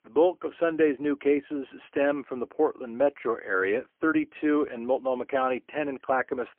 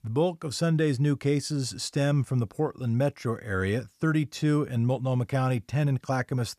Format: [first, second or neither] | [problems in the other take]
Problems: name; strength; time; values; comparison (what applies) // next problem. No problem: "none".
second | phone-call audio; poor line